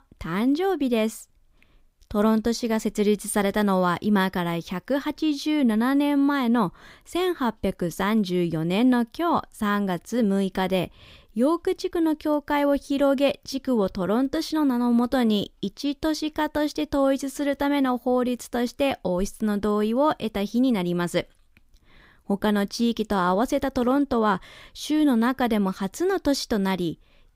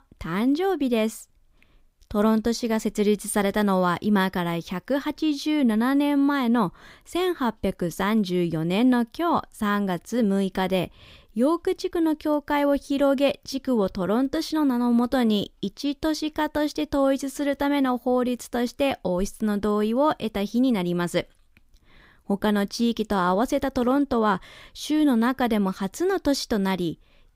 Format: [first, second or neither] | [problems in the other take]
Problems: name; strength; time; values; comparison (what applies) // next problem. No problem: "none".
neither | none